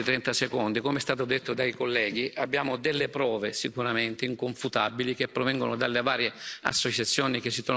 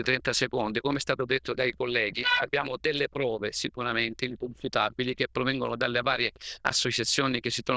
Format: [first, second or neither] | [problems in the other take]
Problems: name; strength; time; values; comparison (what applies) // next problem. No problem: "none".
first | noise reduction (neural diffusion model UNIVERSE++)